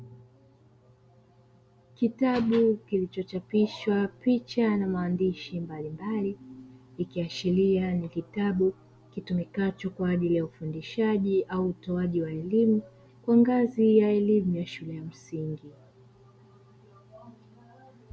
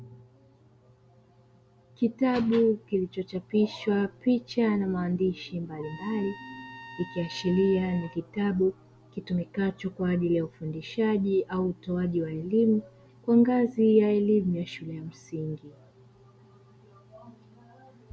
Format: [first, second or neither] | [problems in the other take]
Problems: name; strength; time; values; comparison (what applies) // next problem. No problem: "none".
first | background sound (Trumpet); 18 dB below the speech